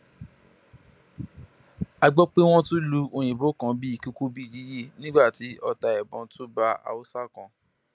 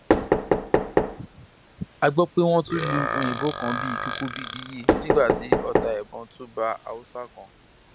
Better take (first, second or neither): first